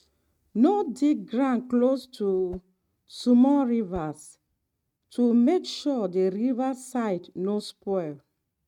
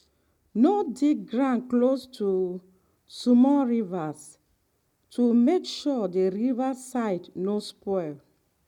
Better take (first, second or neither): second